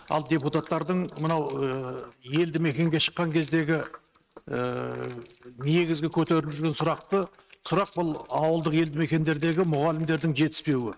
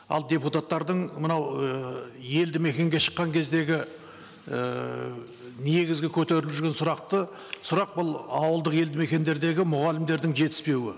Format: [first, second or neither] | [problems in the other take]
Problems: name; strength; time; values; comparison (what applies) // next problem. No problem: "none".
second | noise reduction (neural mask model RNNoise)